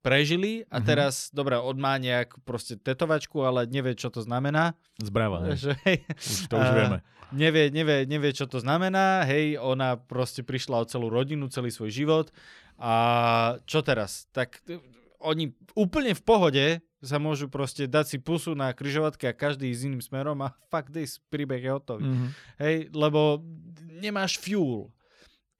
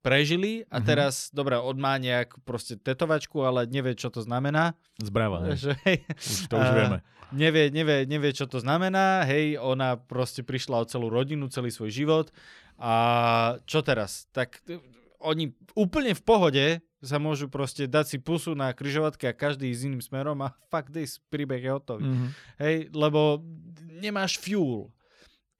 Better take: neither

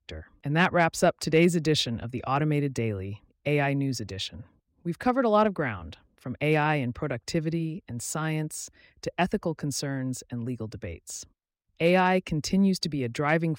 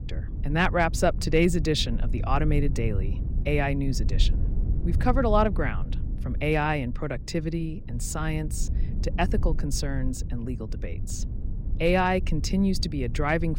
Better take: first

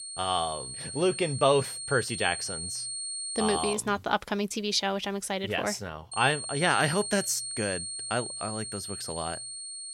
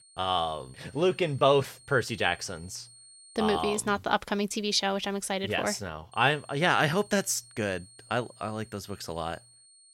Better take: second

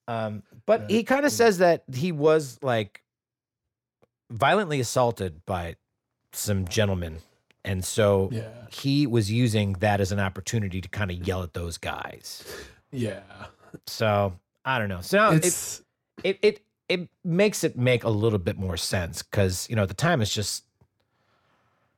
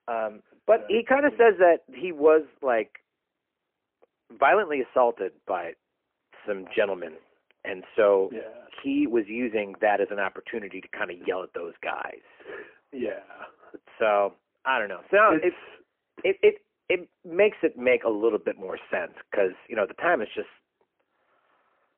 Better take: first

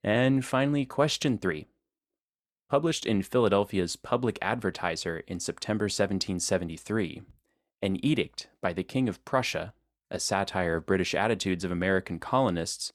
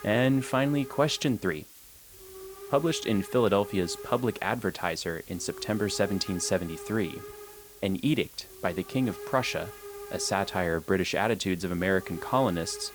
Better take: first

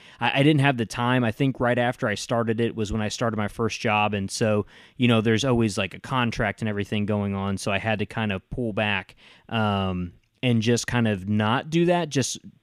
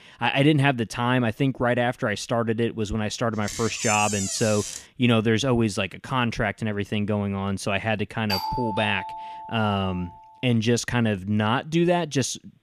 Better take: first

